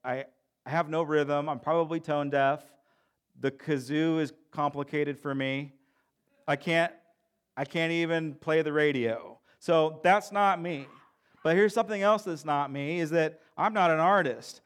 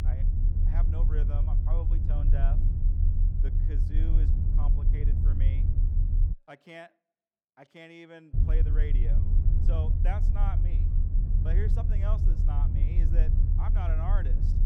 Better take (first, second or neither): first